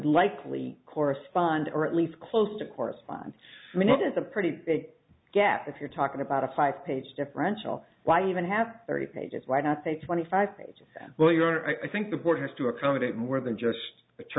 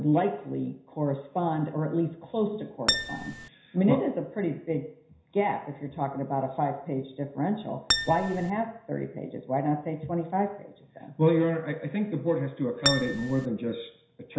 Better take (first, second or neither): first